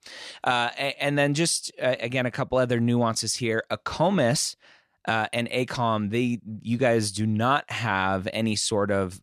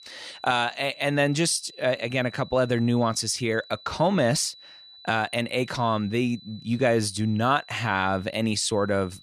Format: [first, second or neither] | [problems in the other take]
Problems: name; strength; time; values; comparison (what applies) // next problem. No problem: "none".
first | high-pitched whine; faint; throughout; 4 kHz, 20 dB below the speech